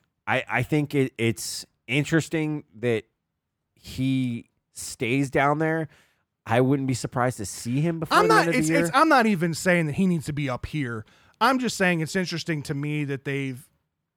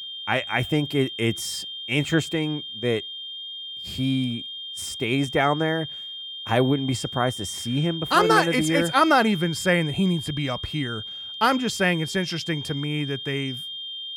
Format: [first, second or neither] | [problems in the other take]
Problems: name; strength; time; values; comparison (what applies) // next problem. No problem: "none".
first | high-pitched whine; loud; throughout; 3 kHz, 8 dB below the speech